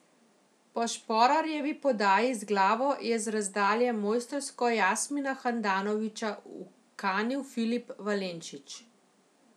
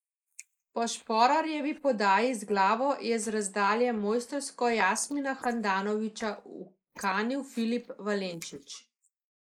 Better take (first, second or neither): first